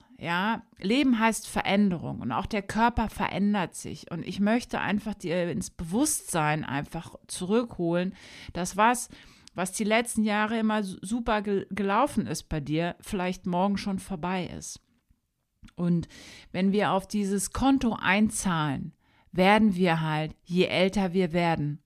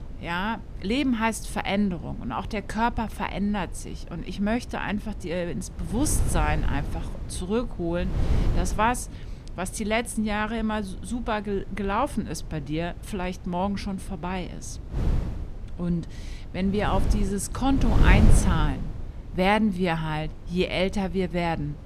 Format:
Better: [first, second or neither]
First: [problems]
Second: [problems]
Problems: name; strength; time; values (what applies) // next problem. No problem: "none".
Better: first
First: none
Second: wind noise on the microphone; occasional gusts; 15 dB below the speech